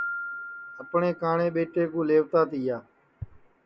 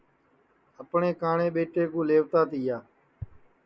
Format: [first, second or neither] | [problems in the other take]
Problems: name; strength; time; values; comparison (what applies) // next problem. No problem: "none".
second | background sound (Piano); 13 dB below the speech